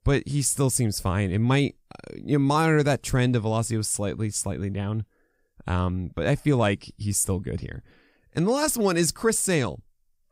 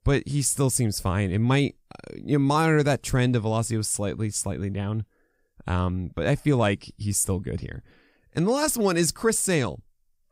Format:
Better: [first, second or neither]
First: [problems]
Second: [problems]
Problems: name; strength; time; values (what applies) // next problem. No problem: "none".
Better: neither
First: none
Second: none